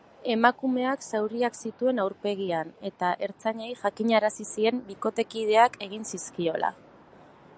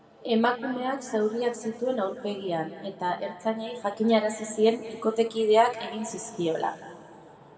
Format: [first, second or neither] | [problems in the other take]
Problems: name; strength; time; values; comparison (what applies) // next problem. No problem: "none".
first | room echo; dies away in 1.9 s